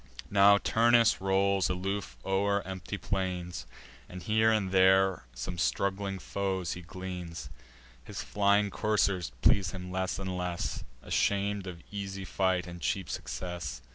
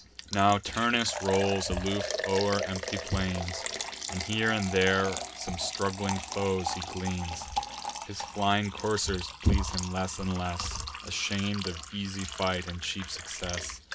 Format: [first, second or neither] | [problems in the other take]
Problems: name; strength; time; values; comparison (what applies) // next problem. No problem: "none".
first | background sound (Liquid); 7 dB below the speech // room echo; dies away in 0.3 s